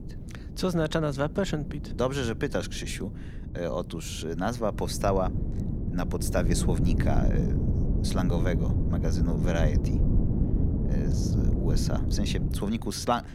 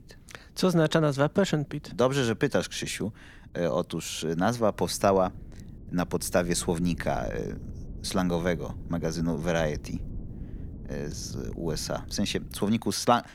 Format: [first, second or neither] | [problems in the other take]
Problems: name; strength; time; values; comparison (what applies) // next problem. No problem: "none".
second | wind noise on the microphone; heavy; 7 dB below the speech; occasional gusts in the second